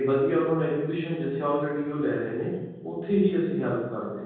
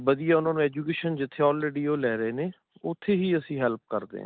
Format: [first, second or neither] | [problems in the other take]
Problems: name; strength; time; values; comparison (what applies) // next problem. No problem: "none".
second | room echo; dies away in 1.3 s